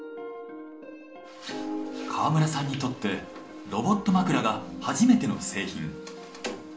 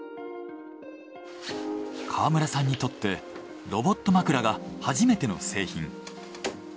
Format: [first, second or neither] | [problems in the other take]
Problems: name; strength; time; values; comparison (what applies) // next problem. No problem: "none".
second | room echo; dies away in 0.4 s